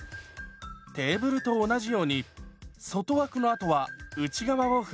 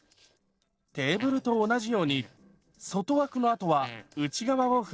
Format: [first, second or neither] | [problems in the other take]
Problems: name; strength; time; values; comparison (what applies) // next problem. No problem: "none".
first | noise reduction (neural separator model SepFormer DNS4)